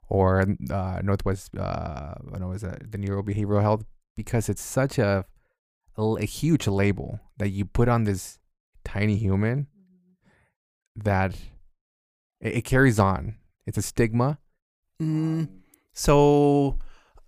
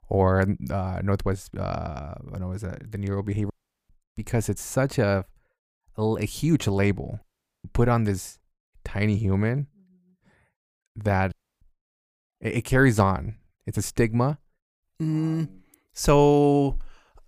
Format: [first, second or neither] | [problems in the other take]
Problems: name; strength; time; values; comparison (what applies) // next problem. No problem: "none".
first | audio cutting out; at 3.5 s, at 7 s and at 11 s